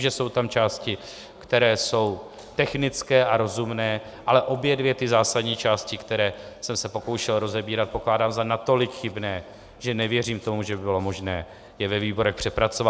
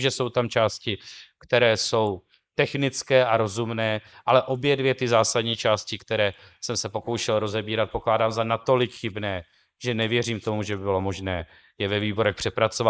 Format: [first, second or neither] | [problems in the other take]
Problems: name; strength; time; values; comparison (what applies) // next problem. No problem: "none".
first | noise reduction (neural mask model Resemble Enhance denoiser)